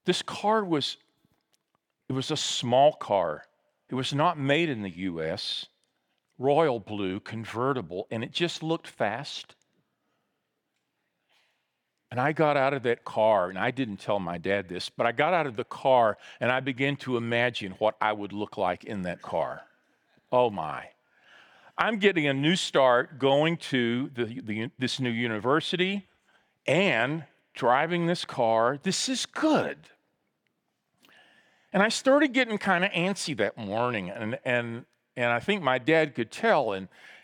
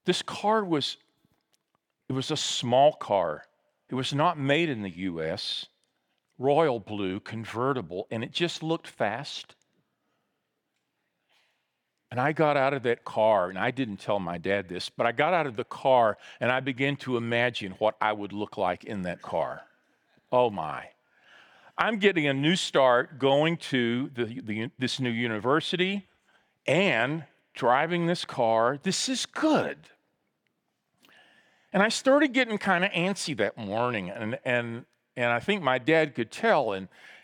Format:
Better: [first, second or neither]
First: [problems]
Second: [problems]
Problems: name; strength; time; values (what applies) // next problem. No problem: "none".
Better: neither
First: none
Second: none